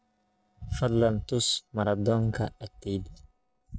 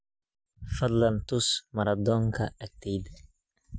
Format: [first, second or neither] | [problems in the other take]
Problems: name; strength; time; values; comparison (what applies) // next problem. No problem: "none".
second | noise reduction (neural separator model SepFormer DNS4)